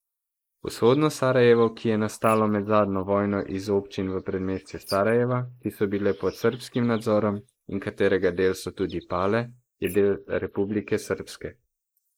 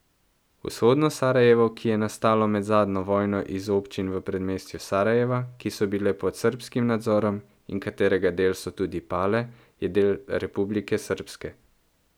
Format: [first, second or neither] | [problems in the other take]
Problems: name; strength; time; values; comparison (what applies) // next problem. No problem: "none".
second | noise reduction (neural mask model Resemble Enhance denoiser)